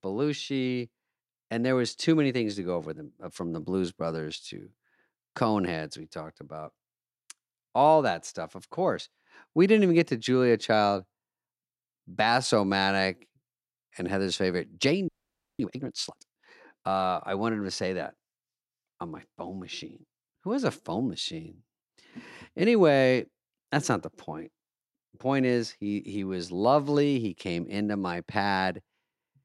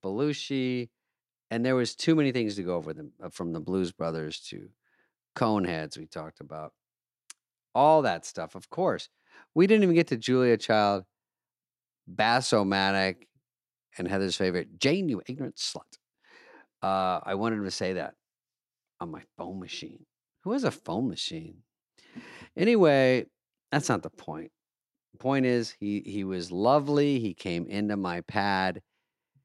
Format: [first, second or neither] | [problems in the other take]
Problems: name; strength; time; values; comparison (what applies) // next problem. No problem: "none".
second | audio freezing; at 15 s for 0.5 s